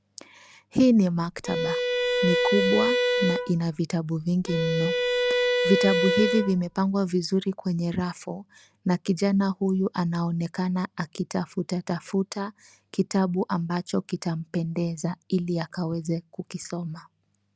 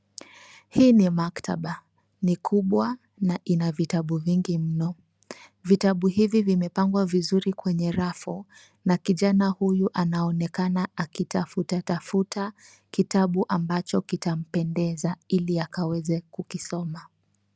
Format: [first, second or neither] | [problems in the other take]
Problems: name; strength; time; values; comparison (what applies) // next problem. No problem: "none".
second | background sound (Bowed string instrument); 1 dB above the speech